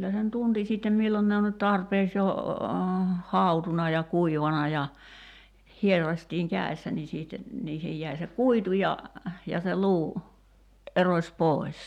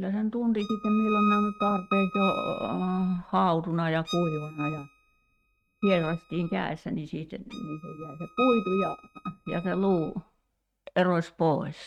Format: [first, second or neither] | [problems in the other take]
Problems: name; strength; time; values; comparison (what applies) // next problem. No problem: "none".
first | noise reduction (neural mask model RNNoise)